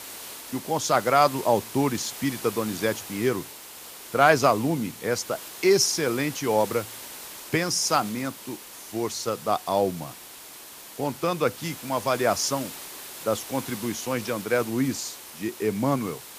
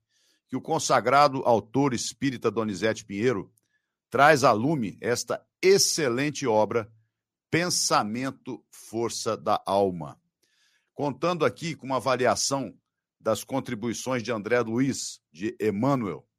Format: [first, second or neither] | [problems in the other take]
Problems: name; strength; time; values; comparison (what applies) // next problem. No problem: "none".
second | hiss; noticeable; throughout; 15 dB below the speech